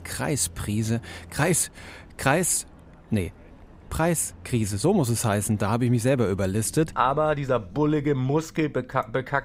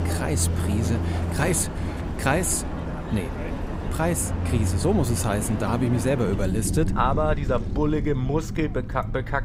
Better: first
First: traffic noise; faint; throughout; 25 dB below the speech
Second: traffic noise; loud; throughout; 3 dB below the speech

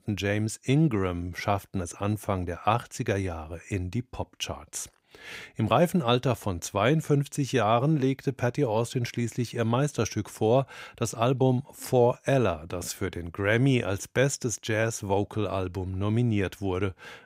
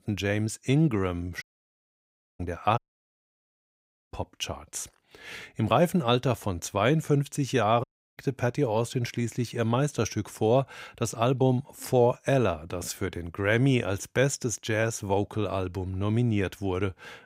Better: first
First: none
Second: audio cutting out; at 1.5 s for 1 s, at 3 s for 1.5 s and at 8 s

